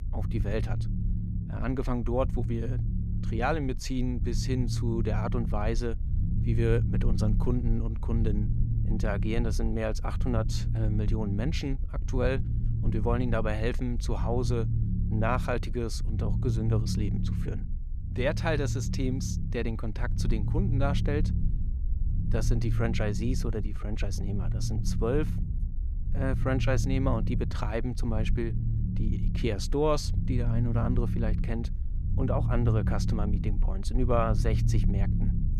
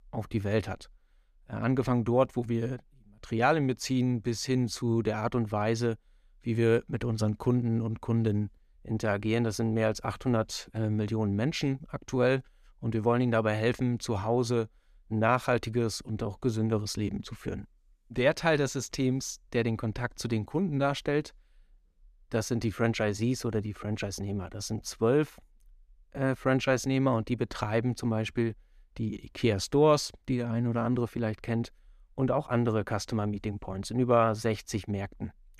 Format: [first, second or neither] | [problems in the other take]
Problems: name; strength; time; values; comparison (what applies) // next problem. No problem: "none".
second | low rumble; loud; throughout; 10 dB below the speech